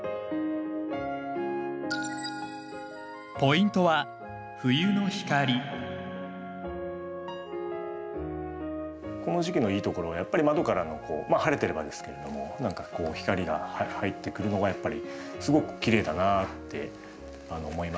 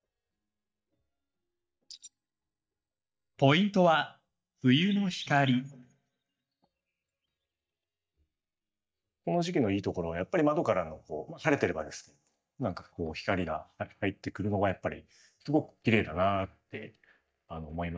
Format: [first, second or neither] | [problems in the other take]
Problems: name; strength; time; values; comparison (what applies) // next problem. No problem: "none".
first | noise reduction (neural mask model DeepFilterNet 3)